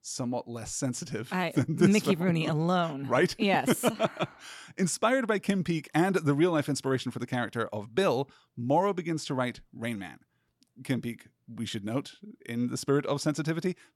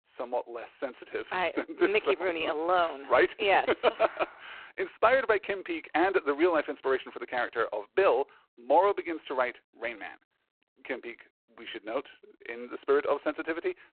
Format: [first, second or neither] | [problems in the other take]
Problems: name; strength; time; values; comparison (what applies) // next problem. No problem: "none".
first | phone-call audio; poor line; nothing above 4 kHz